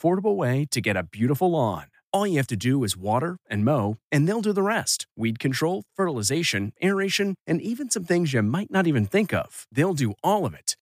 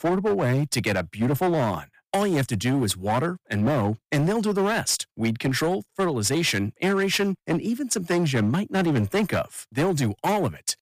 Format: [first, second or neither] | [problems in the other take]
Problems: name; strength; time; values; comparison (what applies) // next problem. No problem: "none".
first | distortion; slight; 15% of the sound clipped